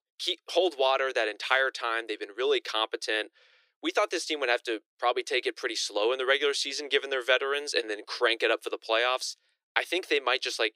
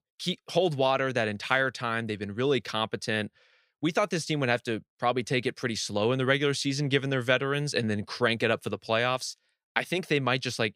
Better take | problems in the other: second | thin; very; fading below 350 Hz

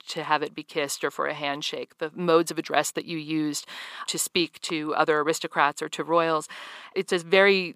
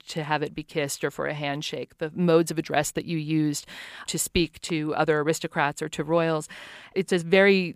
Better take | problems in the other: second | thin; somewhat; fading below 250 Hz

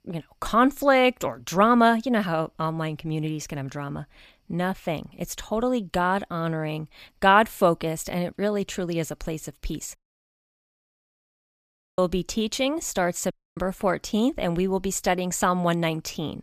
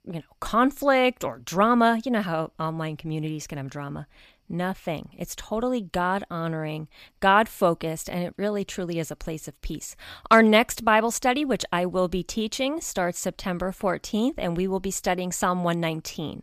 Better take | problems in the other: second | audio cutting out; at 10 s for 2 s and at 13 s

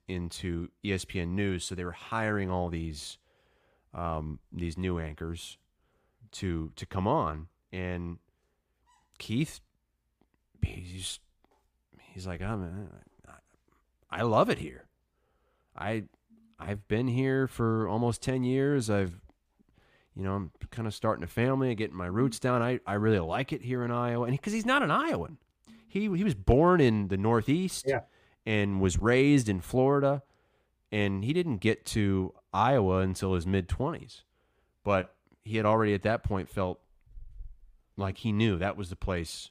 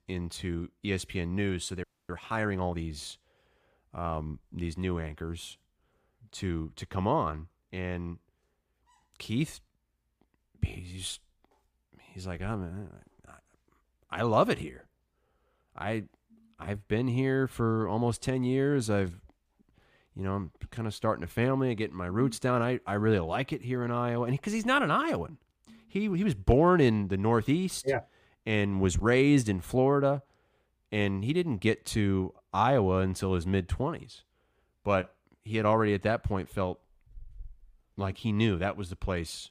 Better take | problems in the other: first | audio freezing; at 2 s

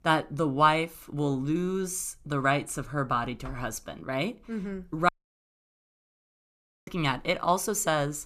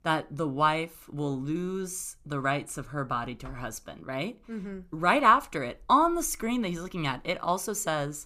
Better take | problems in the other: second | audio cutting out; at 5 s for 2 s

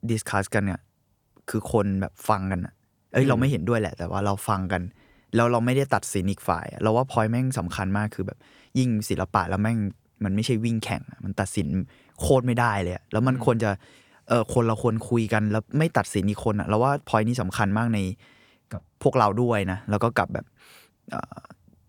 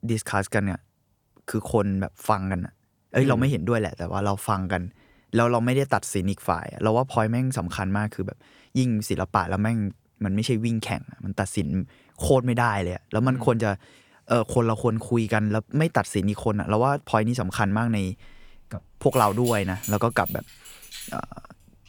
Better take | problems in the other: first | jangling keys; noticeable; from 17 s on; peak 9 dB below the speech

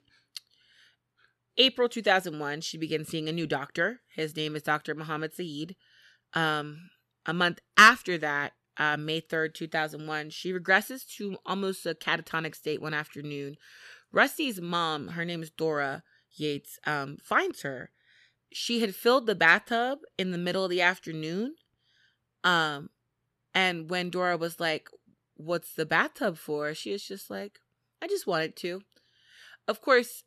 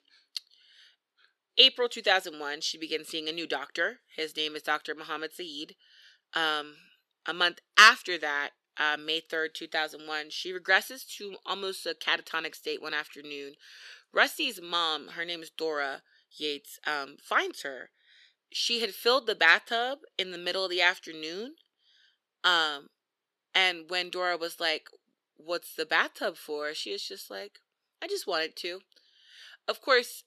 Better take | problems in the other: first | thin; somewhat; fading below 350 Hz

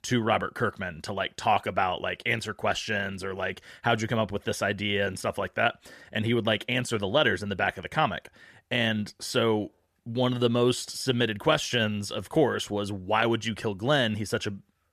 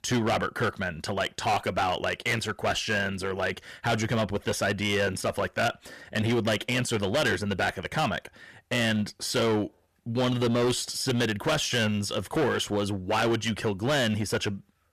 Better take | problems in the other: first | distortion; heavy; 12% of the sound clipped

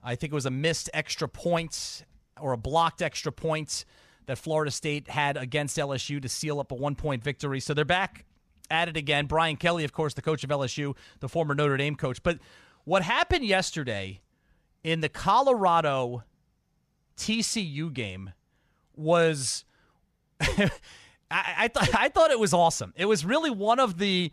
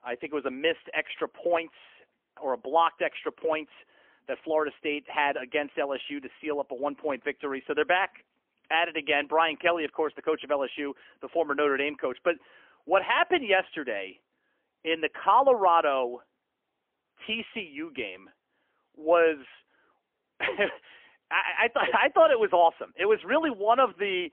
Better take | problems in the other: first | phone-call audio; poor line; nothing above 3 kHz

